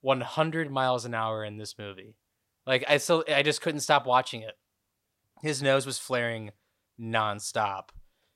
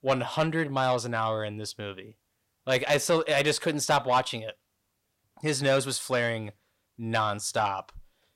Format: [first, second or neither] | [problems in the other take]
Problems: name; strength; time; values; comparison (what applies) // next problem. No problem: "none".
first | distortion; slight; 10 dB below the speech